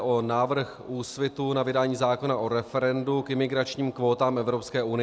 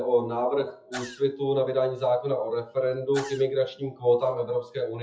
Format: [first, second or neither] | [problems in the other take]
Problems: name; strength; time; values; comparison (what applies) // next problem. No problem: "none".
first | noise reduction (classical method WPE with log-MMSE)